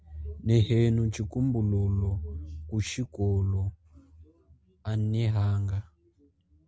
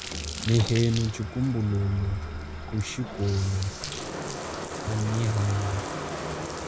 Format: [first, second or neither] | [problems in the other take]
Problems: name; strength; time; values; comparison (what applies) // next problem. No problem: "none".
first | background sound (Bathtub (filling or washing)); 7 dB below the speech